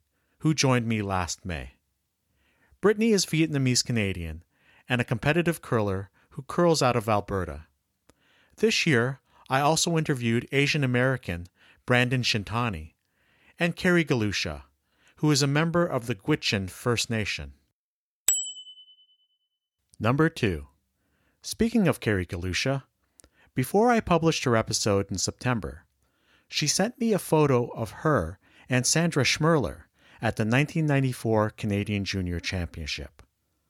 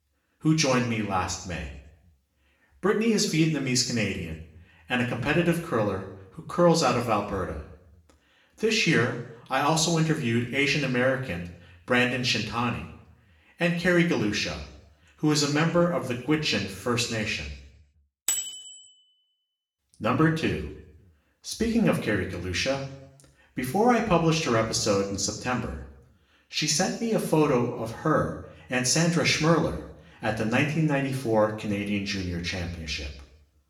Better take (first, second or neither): first